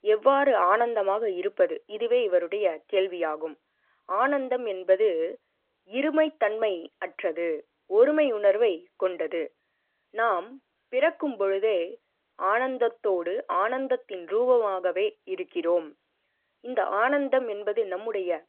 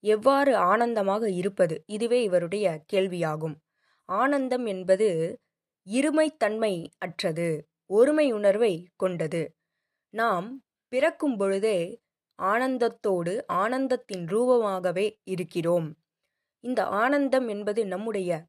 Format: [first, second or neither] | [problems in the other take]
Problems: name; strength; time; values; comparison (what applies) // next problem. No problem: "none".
second | phone-call audio